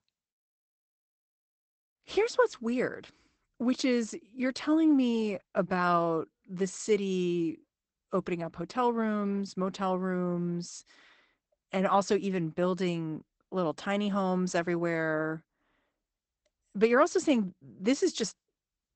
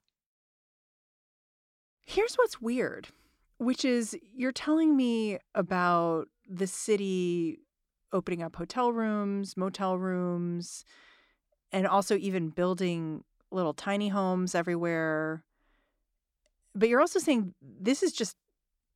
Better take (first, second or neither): second